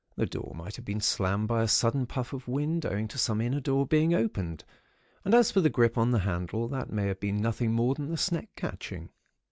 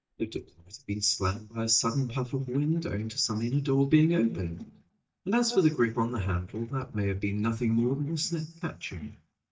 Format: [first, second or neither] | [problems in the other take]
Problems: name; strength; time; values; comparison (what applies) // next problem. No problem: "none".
first | noise reduction (neural mask model DeepFilterNet 3)